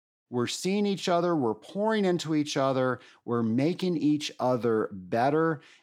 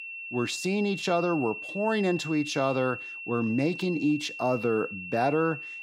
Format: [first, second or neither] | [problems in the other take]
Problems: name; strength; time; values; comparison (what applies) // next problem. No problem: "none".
first | high-pitched whine; loud; throughout; 2.5 kHz, 8 dB below the speech